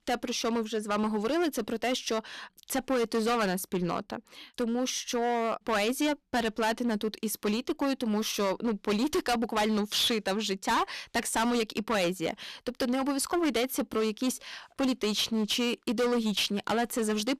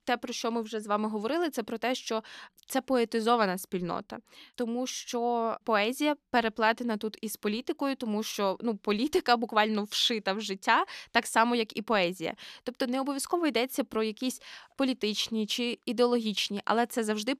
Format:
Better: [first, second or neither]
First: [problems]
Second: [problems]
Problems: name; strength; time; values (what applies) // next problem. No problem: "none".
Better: second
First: distortion; heavy; 14% of the sound clipped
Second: none